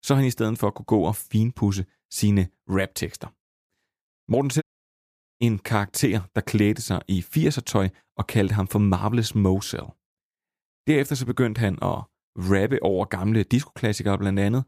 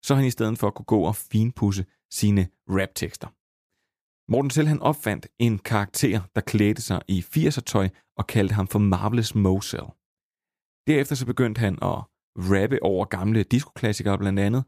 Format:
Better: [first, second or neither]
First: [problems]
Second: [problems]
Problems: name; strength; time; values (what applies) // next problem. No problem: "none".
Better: second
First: audio cutting out; at 4.5 s for 1 s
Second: none